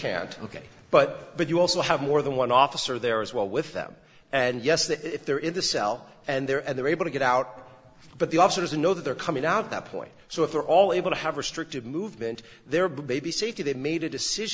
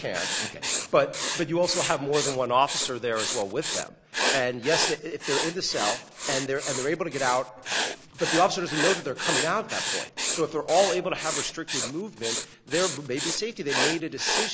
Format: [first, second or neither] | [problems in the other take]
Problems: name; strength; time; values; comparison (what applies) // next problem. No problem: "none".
first | background sound (Writing); 3 dB below the speech